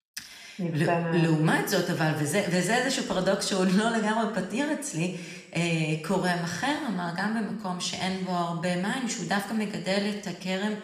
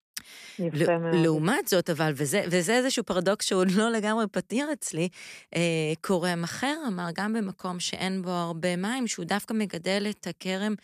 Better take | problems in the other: second | room echo; slight; dies away in 1 s

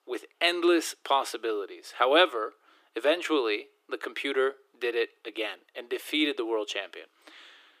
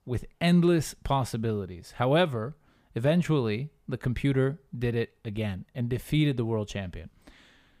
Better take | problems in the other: second | thin; very; fading below 300 Hz

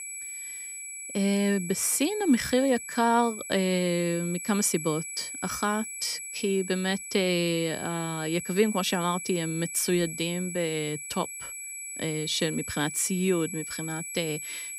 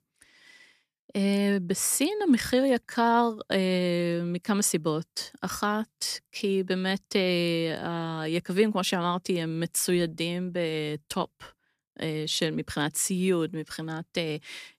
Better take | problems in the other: second | high-pitched whine; loud; throughout; 2.5 kHz, 8 dB below the speech

